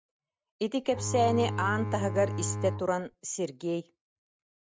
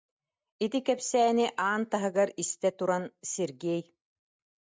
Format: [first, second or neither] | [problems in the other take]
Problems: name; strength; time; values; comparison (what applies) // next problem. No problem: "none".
second | background sound (Bowed string instrument); 3 dB below the speech